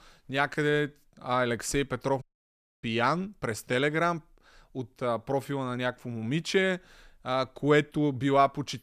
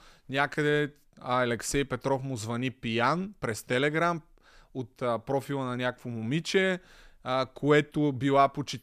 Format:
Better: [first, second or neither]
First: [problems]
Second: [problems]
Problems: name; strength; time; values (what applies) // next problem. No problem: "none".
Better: second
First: audio cutting out; at 2 s for 0.5 s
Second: none